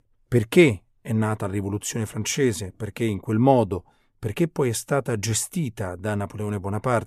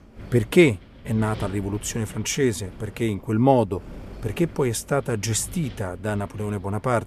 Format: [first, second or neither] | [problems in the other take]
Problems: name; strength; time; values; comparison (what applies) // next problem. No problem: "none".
first | wind noise on the microphone; occasional gusts; 20 dB below the speech